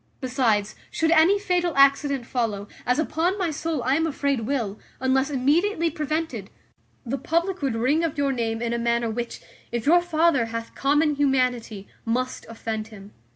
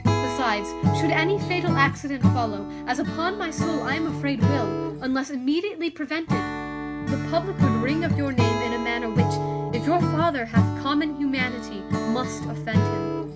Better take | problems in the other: first | background sound (Acoustic guitar / Strum); 2 dB above the speech

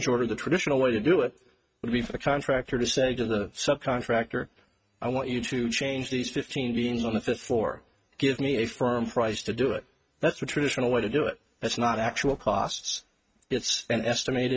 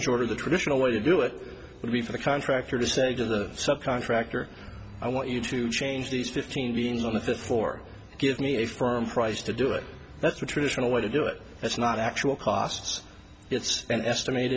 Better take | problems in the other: second | noise reduction (neural mask model RNNoise)

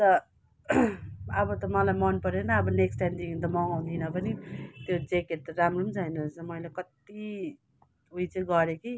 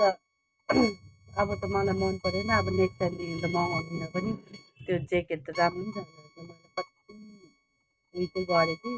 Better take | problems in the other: first | noise reduction (neural mask model RNNoise)

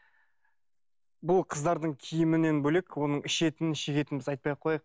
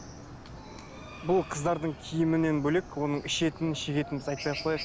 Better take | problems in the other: first | background sound (Chicken, rooster); 13 dB below the speech

